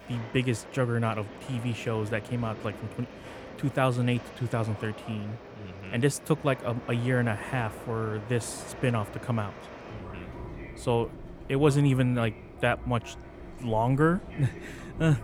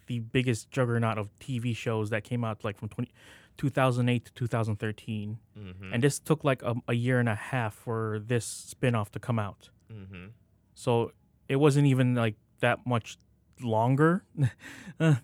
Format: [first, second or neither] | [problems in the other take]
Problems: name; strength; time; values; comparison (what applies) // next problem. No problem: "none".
second | train or aircraft noise; noticeable; throughout; 15 dB below the speech